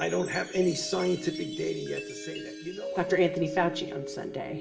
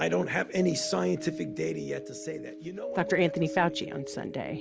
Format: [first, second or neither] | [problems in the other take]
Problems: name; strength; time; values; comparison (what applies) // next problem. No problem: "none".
second | background sound (Chime); 17 dB below the speech // room echo; dies away in 1.4 s